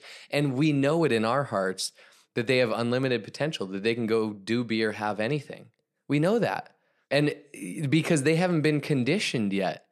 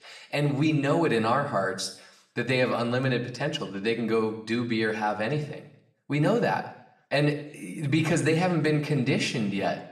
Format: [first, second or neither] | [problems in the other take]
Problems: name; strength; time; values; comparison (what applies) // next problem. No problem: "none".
first | room echo; slight; dies away in 0.7 s // off-mic speech; somewhat distant